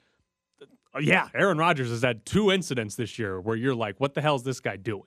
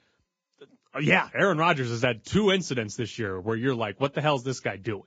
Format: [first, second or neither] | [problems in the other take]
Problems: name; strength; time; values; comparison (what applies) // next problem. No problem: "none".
first | garbled, watery; badly; nothing above 7.5 kHz